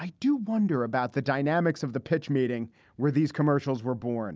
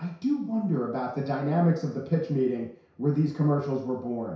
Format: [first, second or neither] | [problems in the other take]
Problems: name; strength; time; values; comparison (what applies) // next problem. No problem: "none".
first | room echo; dies away in 0.6 s